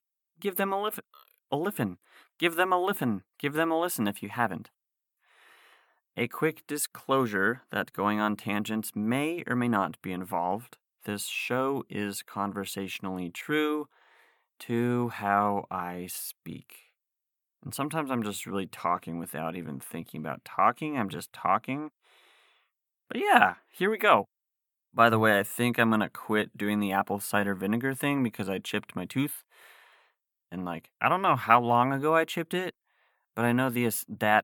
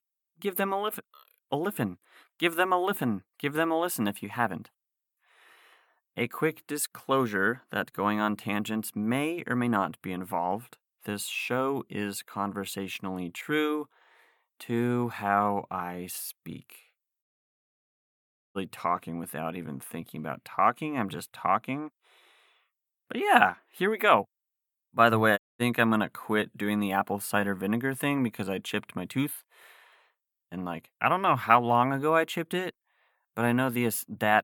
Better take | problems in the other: first | audio cutting out; at 17 s for 1.5 s and at 25 s

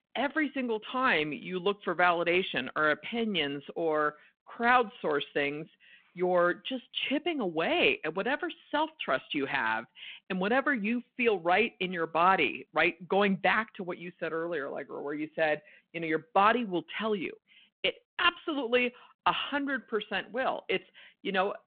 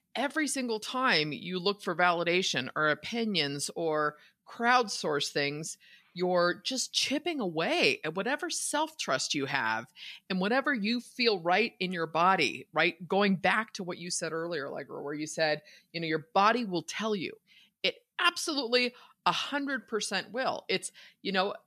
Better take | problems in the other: second | phone-call audio

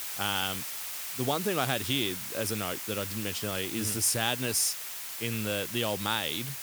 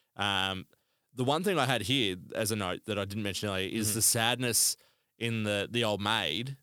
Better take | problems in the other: second | hiss; loud; throughout; 4 dB below the speech

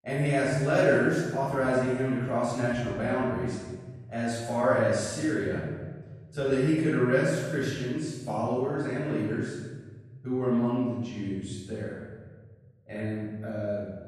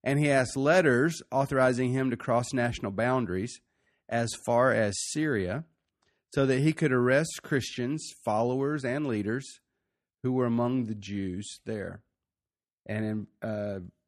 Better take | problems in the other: second | off-mic speech; far // room echo; strong; dies away in 1.4 s

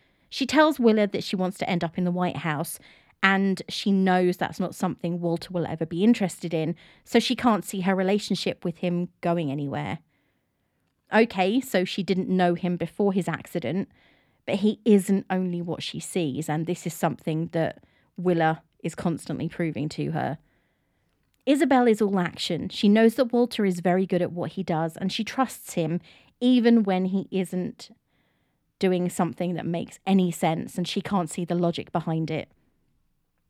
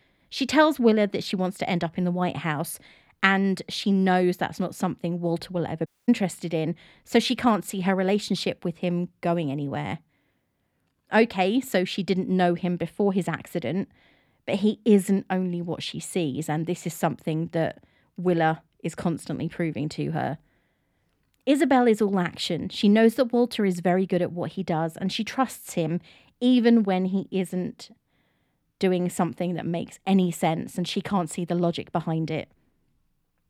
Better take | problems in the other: first | audio cutting out; at 6 s

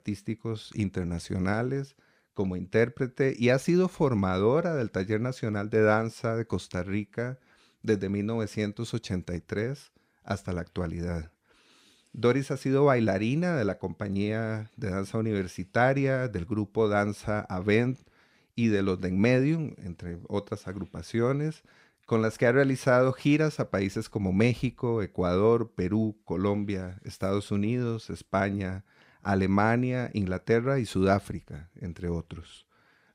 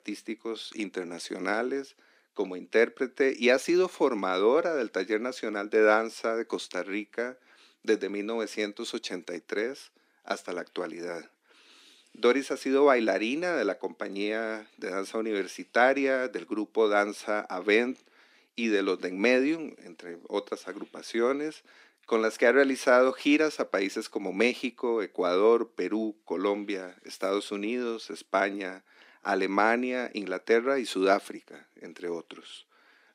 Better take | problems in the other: first | thin; somewhat; fading below 250 Hz

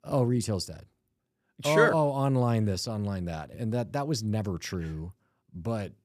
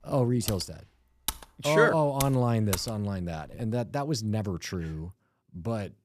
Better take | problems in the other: first | keyboard typing; noticeable; until 3 s; peak 6 dB below the speech

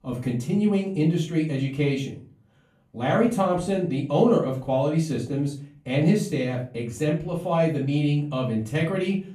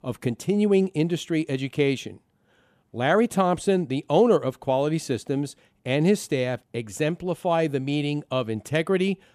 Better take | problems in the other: second | off-mic speech; far // room echo; slight; dies away in 0.4 s

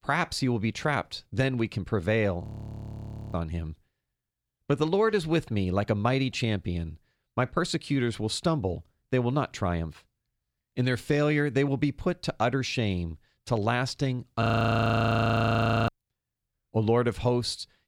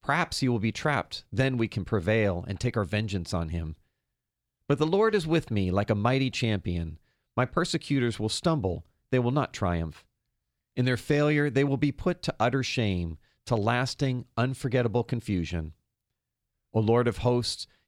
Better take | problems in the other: second | audio freezing; at 2.5 s for 1 s and at 14 s for 1.5 s

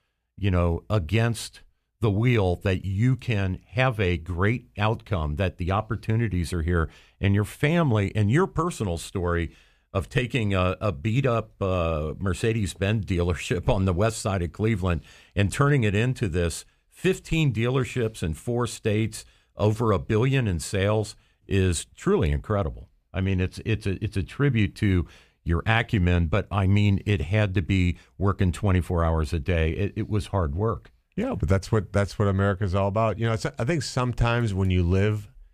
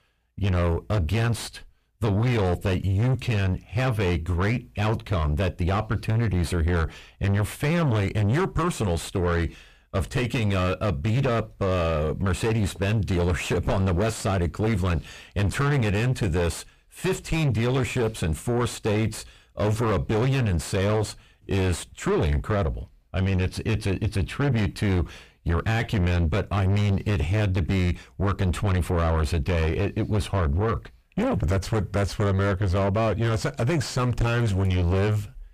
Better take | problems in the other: first | distortion; heavy; 5 dB below the speech

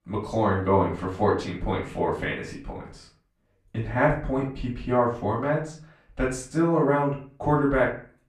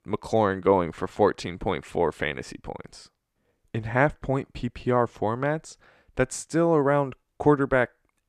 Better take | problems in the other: second | off-mic speech; far // room echo; slight; dies away in 0.4 s

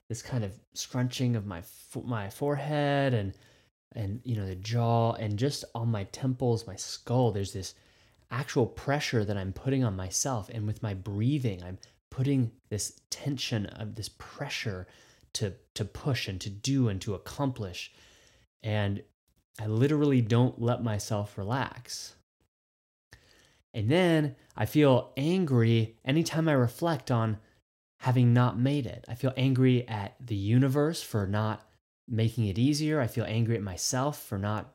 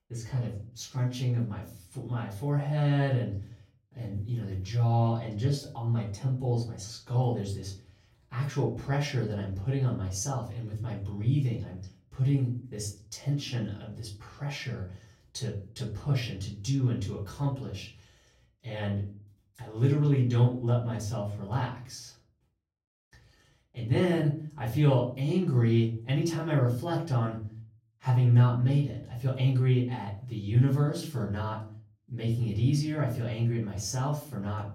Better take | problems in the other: first | off-mic speech; far // room echo; slight; dies away in 0.4 s

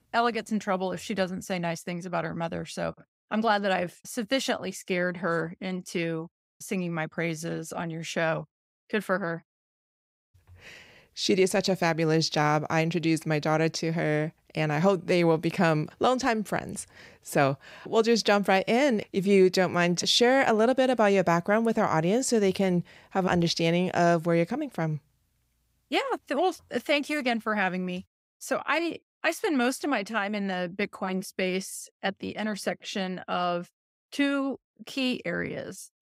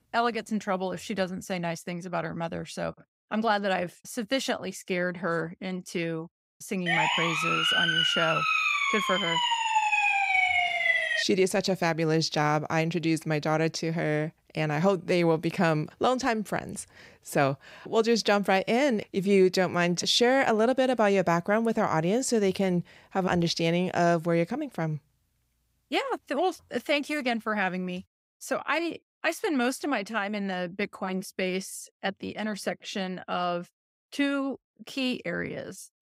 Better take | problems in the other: first | siren; loud; from 7 to 11 s; peak 6 dB above the speech

